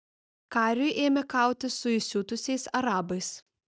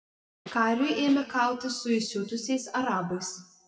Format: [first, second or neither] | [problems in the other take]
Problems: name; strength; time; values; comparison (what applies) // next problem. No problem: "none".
first | noise reduction (classical method WPE with log-MMSE)